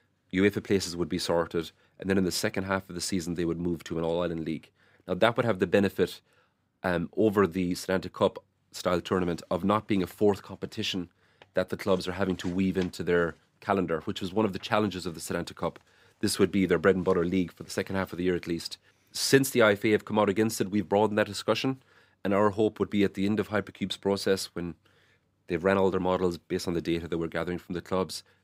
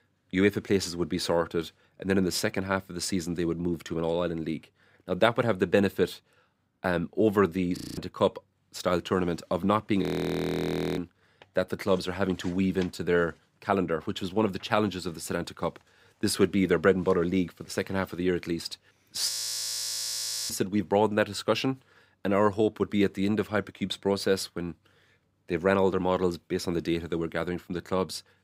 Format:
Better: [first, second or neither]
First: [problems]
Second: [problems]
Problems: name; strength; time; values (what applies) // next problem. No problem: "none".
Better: first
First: none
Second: audio freezing; at 8 s, at 10 s for 1 s and at 19 s for 1 s